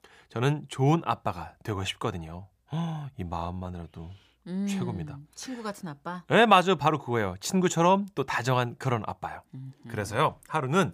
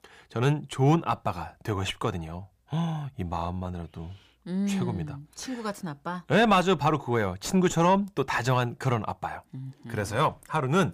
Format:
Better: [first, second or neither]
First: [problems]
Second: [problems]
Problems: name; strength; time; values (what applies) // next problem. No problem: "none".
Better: first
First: none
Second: distortion; slight; 10 dB below the speech